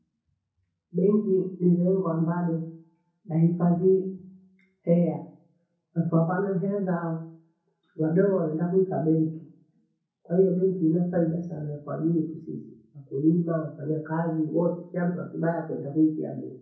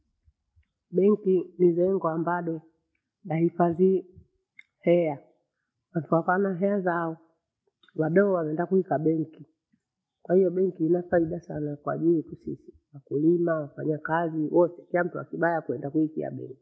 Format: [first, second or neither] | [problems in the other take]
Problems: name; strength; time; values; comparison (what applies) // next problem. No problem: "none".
second | room echo; dies away in 0.6 s